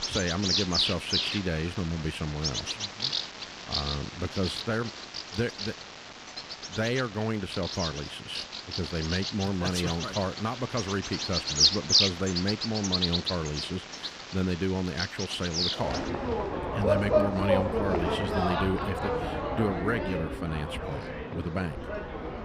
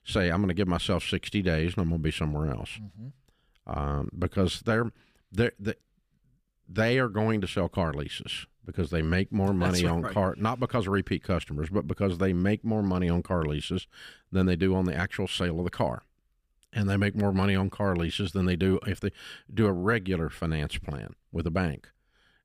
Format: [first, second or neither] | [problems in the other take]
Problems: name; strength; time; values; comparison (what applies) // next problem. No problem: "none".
second | animal sounds; very loud; throughout; 2 dB above the speech